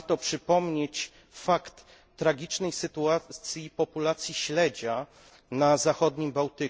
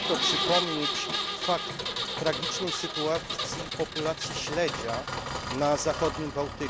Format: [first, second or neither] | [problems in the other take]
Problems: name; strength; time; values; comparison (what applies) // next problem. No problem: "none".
first | background sound (Engine); 1 dB below the speech